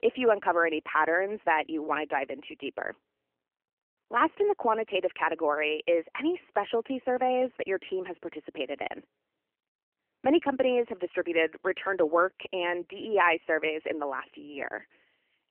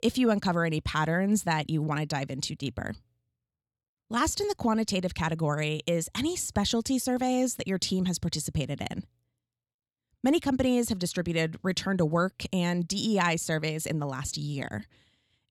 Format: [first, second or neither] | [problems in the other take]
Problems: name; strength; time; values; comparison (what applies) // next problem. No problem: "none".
second | phone-call audio; nothing above 3 kHz